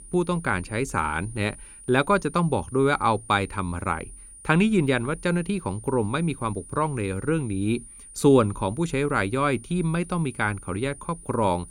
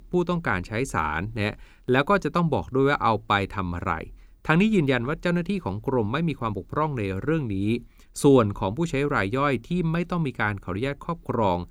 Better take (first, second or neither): second